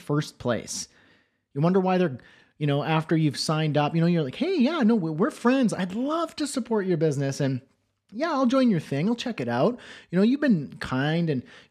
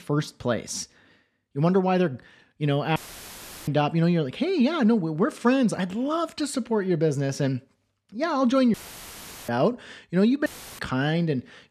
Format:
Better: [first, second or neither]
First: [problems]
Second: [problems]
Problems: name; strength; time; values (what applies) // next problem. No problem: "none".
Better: first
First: none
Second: audio cutting out; filled with static; at 3 s for 0.5 s, at 8.5 s for 0.5 s and at 10 s